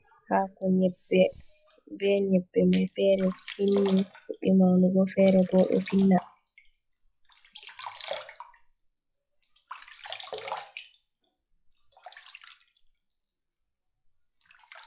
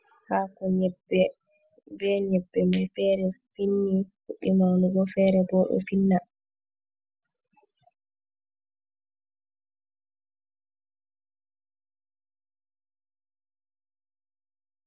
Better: second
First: noise reduction (classical method log-MMSE)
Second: none

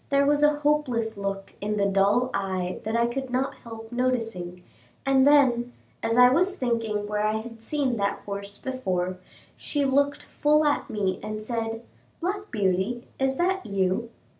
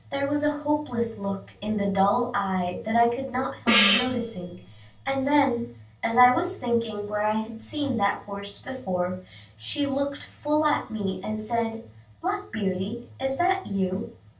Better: first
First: none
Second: background sound (Gong); 1 dB above the speech // room echo; dies away in 0.2 s

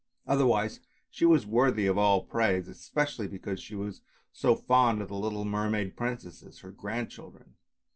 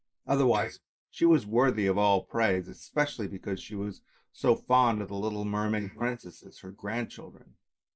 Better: first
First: none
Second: noise reduction (neural mask model Resemble Enhance denoiser)

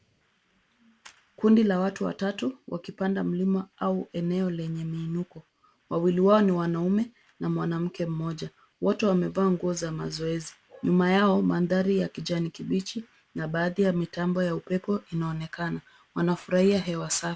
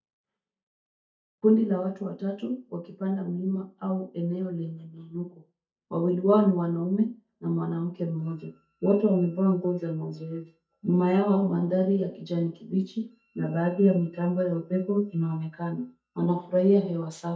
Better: first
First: none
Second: noise reduction (neural mask model DeepFilterNet 3)

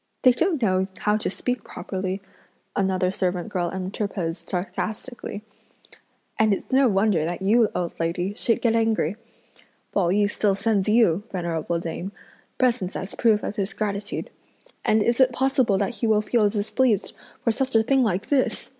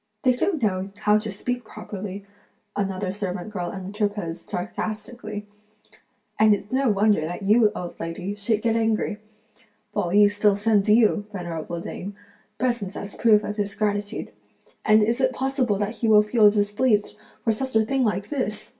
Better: first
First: none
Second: room echo; dies away in 0.2 s

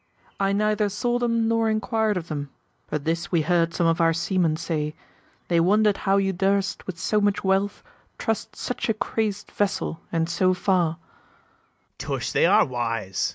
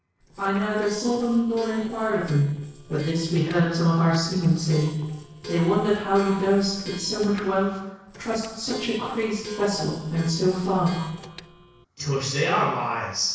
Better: first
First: none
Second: noise reduction (neural separator model SepFormer DNS4)

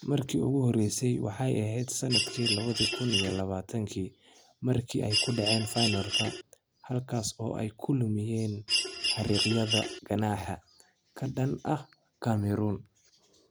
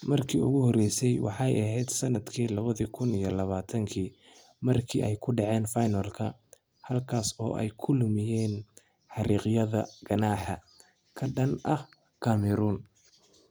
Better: second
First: background sound (Mechanisms); as loud as the speech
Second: none

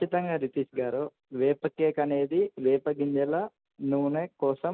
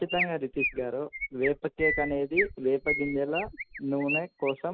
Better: first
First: none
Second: background sound (Chirp, tweet); 4 dB below the speech

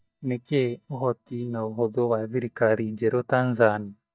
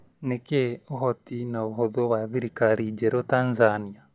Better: second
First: noise reduction (neural mask model DeepFilterNet 3)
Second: none

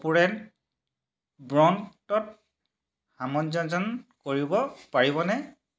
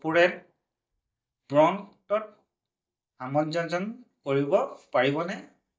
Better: first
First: none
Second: noise reduction (neural mask model DeepFilterNet 3)

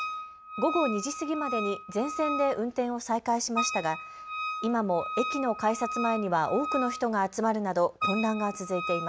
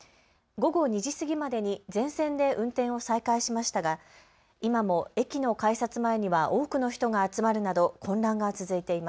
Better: second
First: background sound (Wind instrument, woodwind instrument); 6 dB below the speech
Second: none

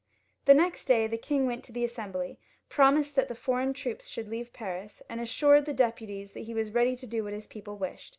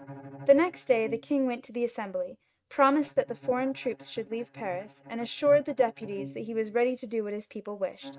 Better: first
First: none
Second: noise reduction (neural mask model RNNoise)

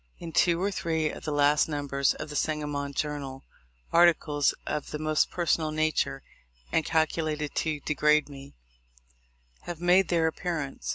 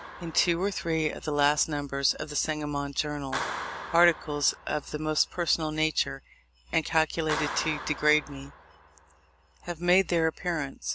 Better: first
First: none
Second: background sound (Clapping); 13 dB below the speech

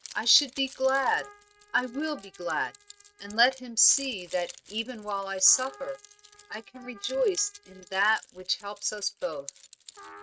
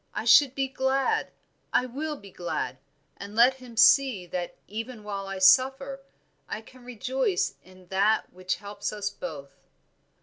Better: second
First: noise reduction (neural mask model RNNoise)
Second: none

